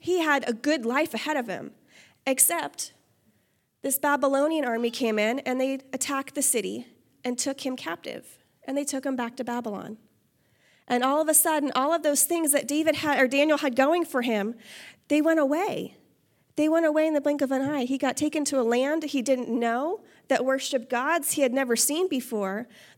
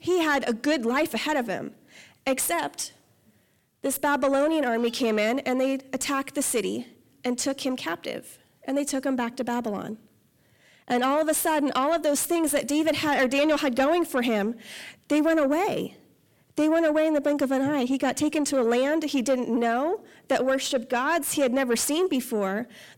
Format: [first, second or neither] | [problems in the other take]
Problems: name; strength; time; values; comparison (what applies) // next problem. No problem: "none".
first | distortion; slight; 10 dB below the speech